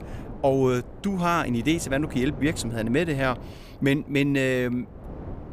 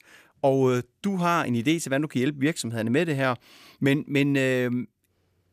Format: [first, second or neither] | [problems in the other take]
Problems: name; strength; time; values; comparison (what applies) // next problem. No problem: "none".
second | wind noise on the microphone; occasional gusts; 20 dB below the speech